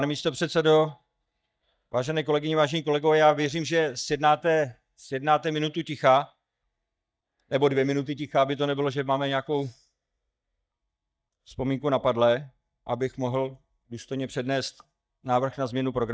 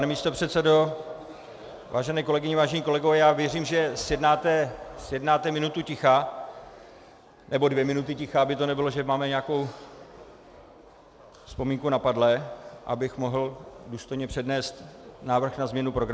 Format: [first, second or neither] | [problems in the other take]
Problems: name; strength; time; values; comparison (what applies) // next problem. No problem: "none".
second | noise reduction (neural mask model DeepFilterNet 3)